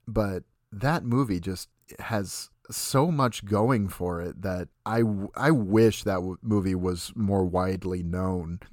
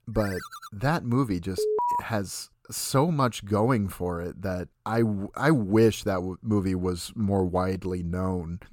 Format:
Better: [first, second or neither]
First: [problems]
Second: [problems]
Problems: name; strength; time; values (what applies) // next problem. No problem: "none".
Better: first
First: none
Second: phone ringing; faint; at the start; peak 10 dB below the speech // alarm; loud; at 1.5 s; peak 1 dB above the speech